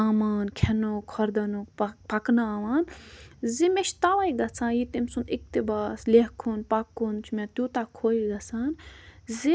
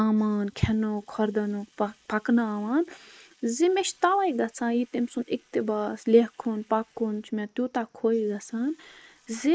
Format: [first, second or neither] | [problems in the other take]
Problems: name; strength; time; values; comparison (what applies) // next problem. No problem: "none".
first | noise reduction (neural mask model Resemble Enhance denoiser)